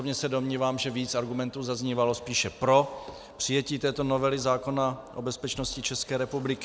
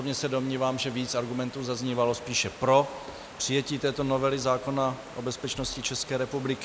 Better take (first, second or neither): first